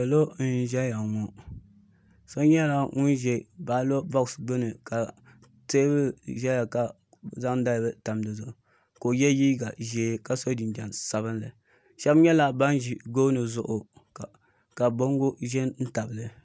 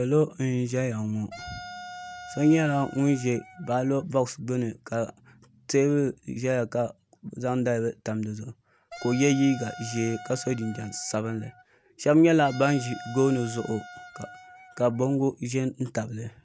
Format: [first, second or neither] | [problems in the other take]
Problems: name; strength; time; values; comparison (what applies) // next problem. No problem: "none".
first | background sound (Wind instrument, woodwind instrument); 16 dB below the speech